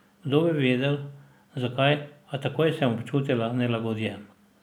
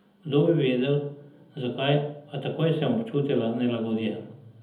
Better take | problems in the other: first | room echo; dies away in 0.8 s

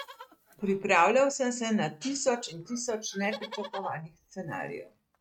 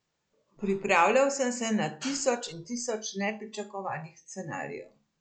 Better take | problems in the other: second | noise reduction (neural mask model RNNoise)

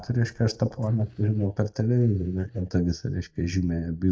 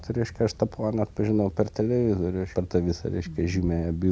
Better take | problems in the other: second | noise reduction (neural mask model DeepFilterNet 3)

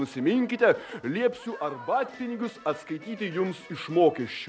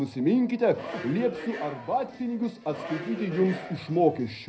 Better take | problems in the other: first | background sound (Subway, metro, underground); 12 dB below the speech // room echo; dies away in 0.3 s

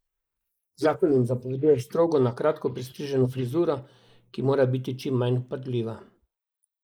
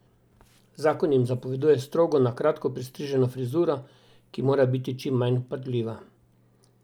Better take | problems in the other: second | noise reduction (neural mask model Resemble Enhance denoiser)

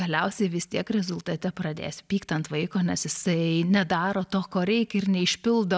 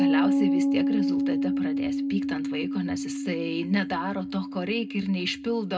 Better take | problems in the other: first | background sound (Piano); 3 dB above the speech // room echo; dies away in 0.2 s

